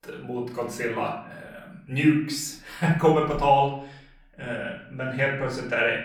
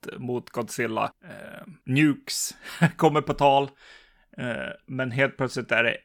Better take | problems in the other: second | off-mic speech; far // room echo; slight; dies away in 0.6 s

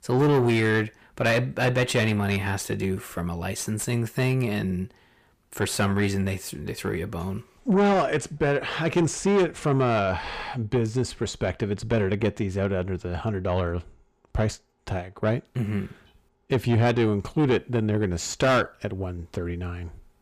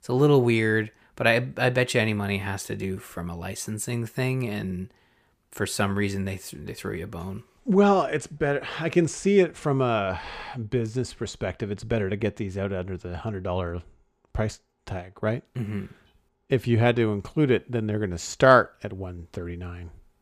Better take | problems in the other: second | distortion; heavy; 8 dB below the speech

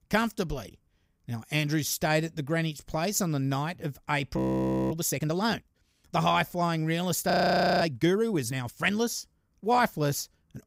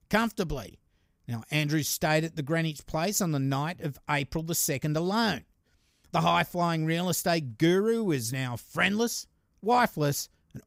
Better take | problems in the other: second | audio freezing; at 4.5 s for 0.5 s and at 7.5 s for 0.5 s

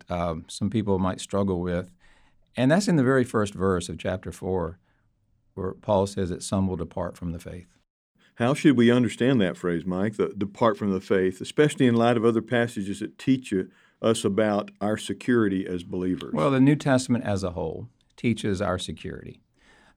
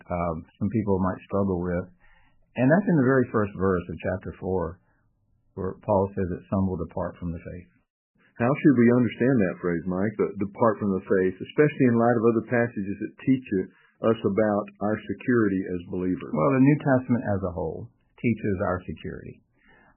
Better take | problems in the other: first | garbled, watery; badly; nothing above 3 kHz

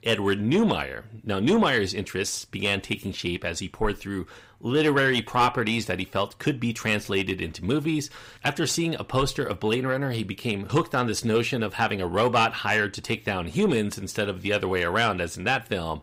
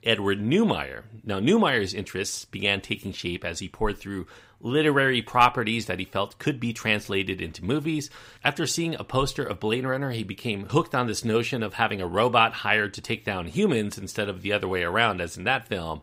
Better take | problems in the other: second | distortion; slight; 10 dB below the speech

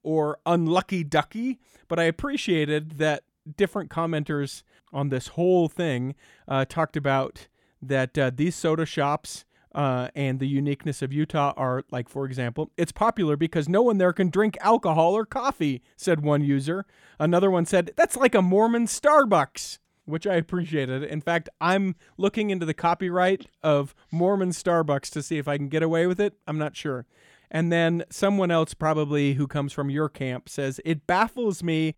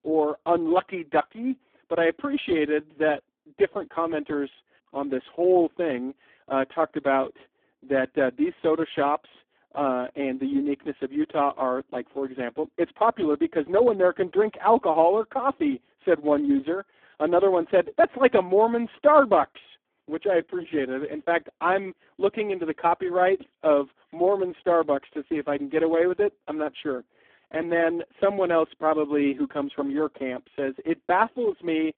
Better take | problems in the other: first | phone-call audio; poor line

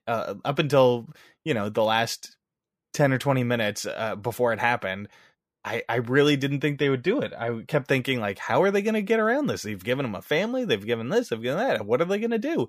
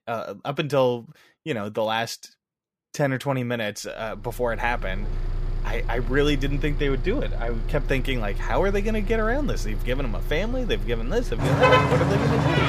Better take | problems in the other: first | traffic noise; loud; from 4.5 s on; 1 dB below the speech

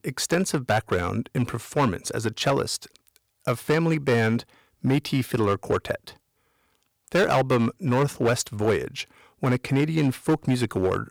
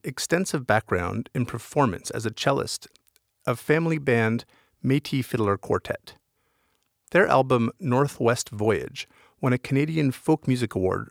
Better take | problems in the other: second | distortion; slight; 6% of the sound clipped

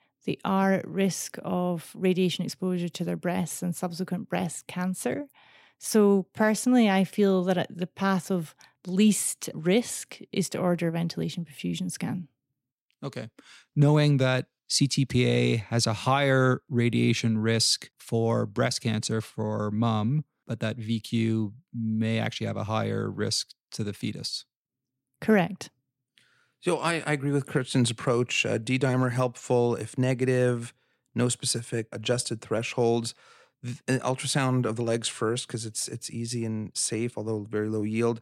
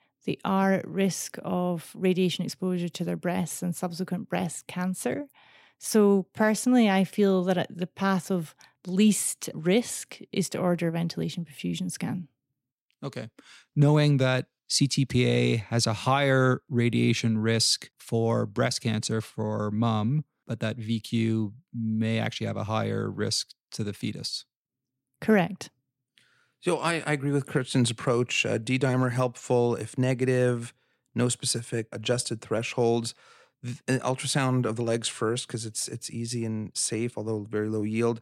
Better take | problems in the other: neither | none

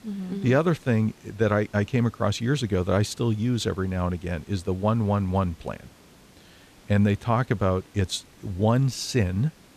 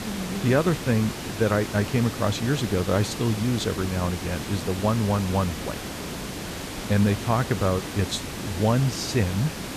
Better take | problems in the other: first | hiss; loud; throughout; 8 dB below the speech; faint in the first

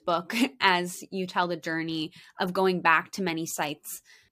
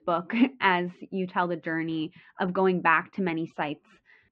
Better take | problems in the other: first | muffled; very; fading above 2.5 kHz

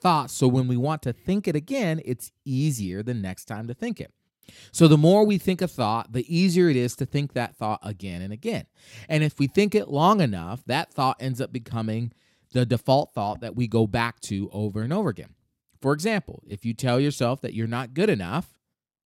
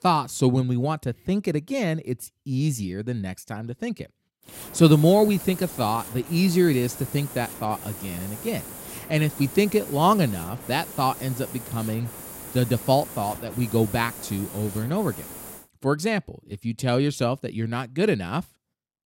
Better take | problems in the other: first | hiss; noticeable; from 4.5 to 16 s; 10 dB below the speech

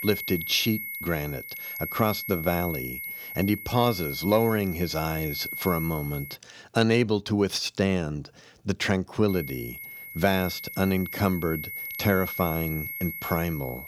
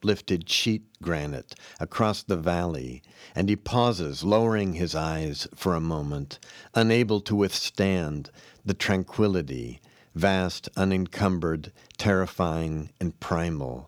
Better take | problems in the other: second | high-pitched whine; loud; until 6.5 s and from 9.5 s on; 2 kHz, 7 dB below the speech

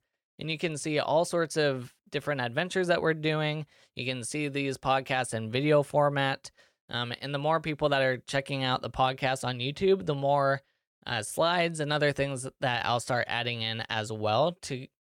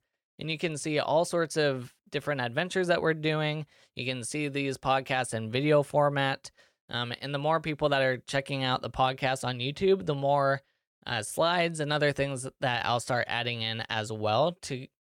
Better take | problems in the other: neither | none

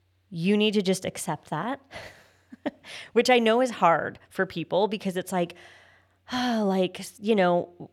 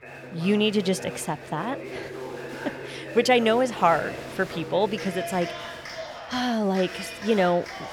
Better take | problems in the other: first | crowd noise; noticeable; throughout; 10 dB below the speech

